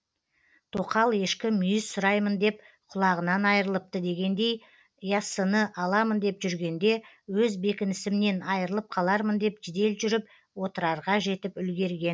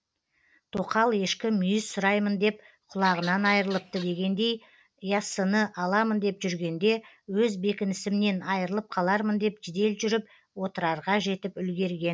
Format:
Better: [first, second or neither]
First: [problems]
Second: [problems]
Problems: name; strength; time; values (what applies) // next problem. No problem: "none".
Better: first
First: none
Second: background sound (Bird vocalization, bird call, bird song / Fowl); 14 dB below the speech